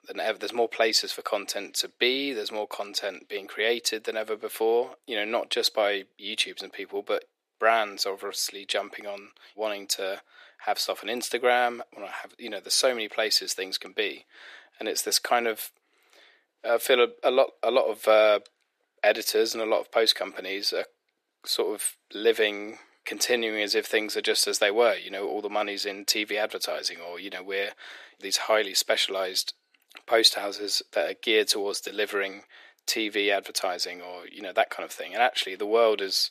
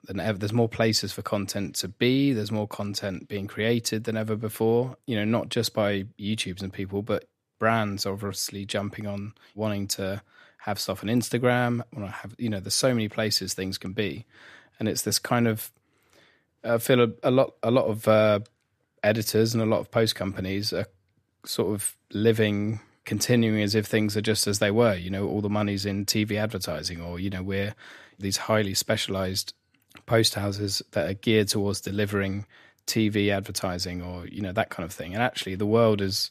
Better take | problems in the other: second | thin; very; fading below 400 Hz

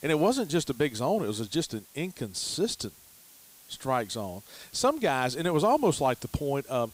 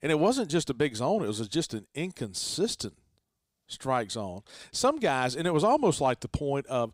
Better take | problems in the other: second | hiss; faint; throughout; 20 dB below the speech

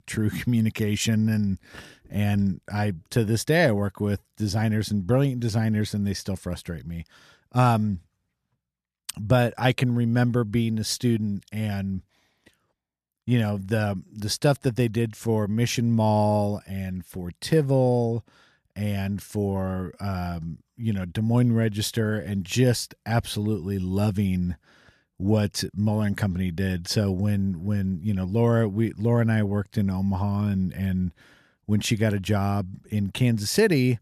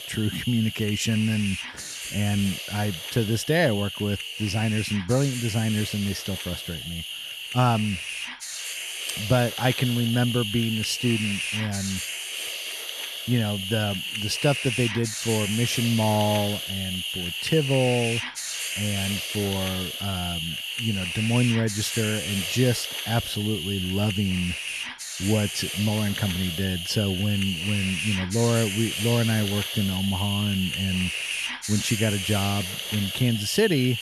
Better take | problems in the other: first | hiss; loud; throughout; 3 dB below the speech

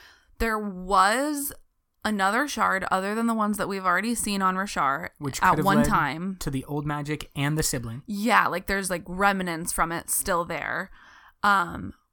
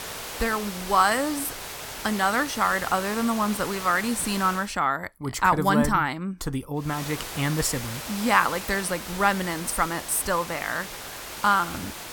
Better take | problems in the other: first | hiss; loud; until 4.5 s and from 7 s on; 9 dB below the speech

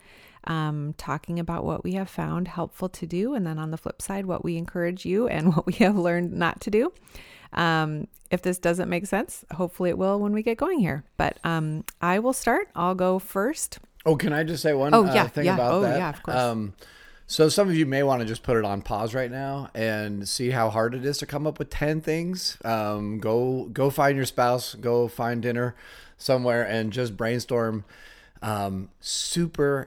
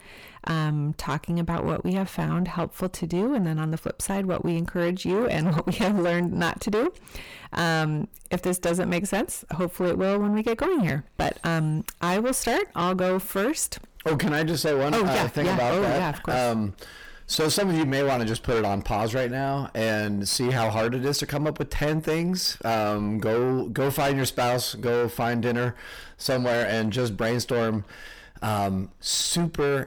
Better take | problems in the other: first | distortion; heavy; 6 dB below the speech

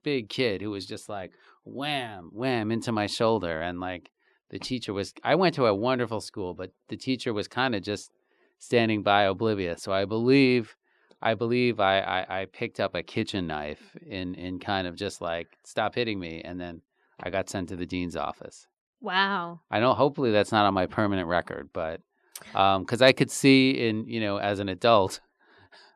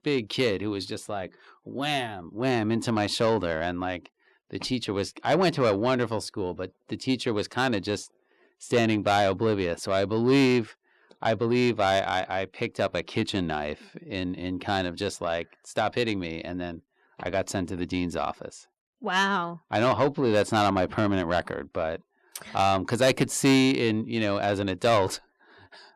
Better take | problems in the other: first | distortion; slight; 10 dB below the speech

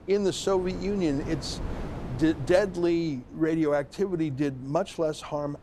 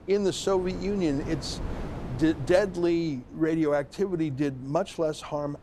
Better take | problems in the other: neither | wind noise on the microphone; occasional gusts; 15 dB below the speech; the same in both

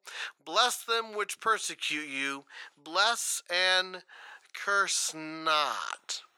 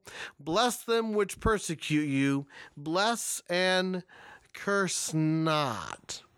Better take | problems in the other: second | thin; very; fading below 600 Hz

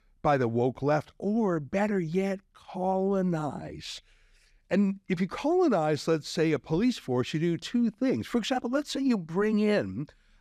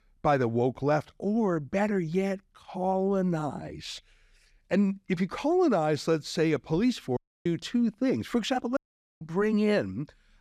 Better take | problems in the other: first | audio cutting out; at 7 s and at 9 s

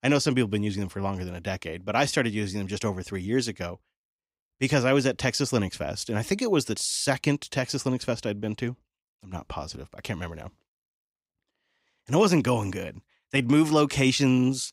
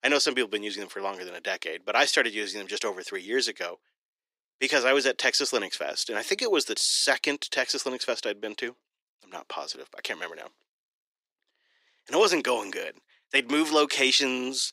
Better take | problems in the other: first | thin; somewhat; fading below 350 Hz

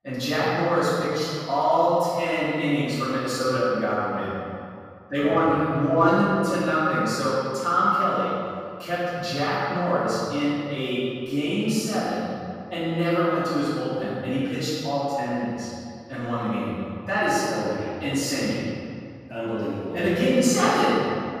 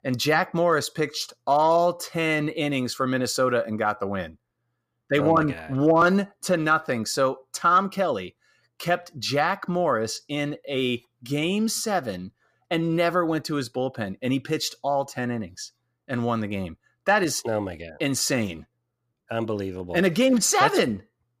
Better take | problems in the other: second | room echo; strong; dies away in 2.1 s // off-mic speech; far

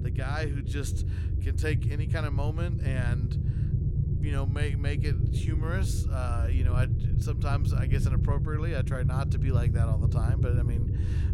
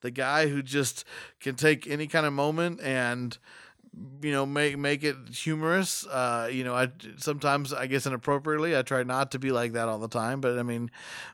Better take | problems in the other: second | low rumble; loud; throughout; 3 dB below the speech

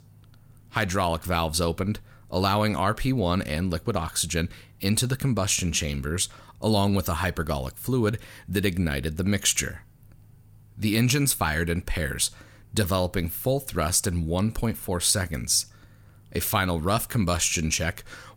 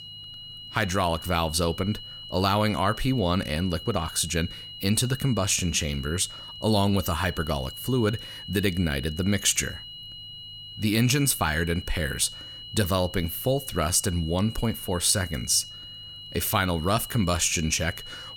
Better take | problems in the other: first | high-pitched whine; noticeable; throughout; 3 kHz, 15 dB below the speech

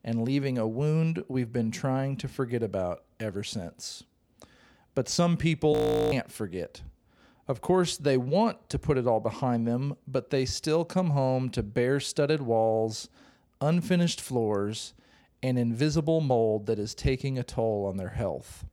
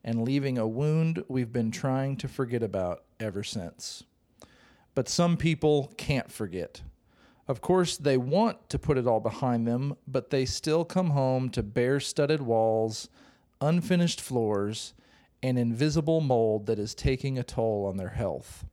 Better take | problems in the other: second | audio freezing; at 5.5 s

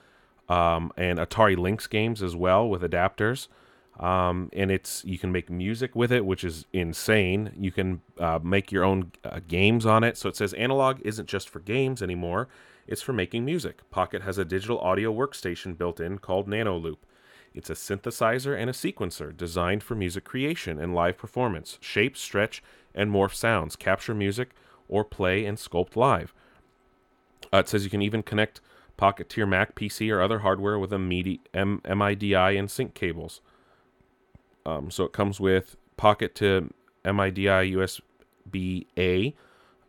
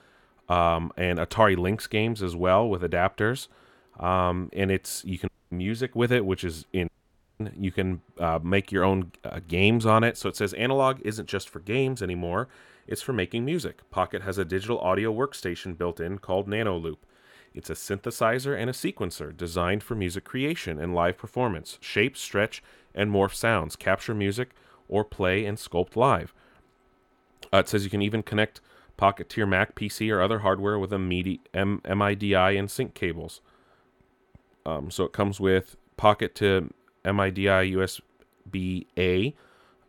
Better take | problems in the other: first | audio cutting out; at 5.5 s and at 7 s for 0.5 s

